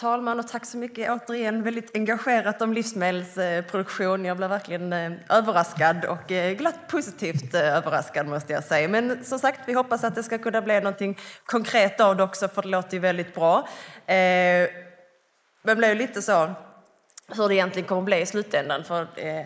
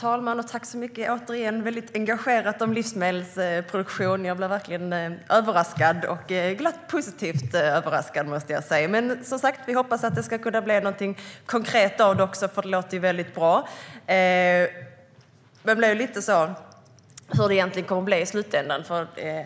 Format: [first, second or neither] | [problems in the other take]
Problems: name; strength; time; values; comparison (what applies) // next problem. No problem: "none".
second | noise reduction (neural mask model Resemble Enhance denoiser)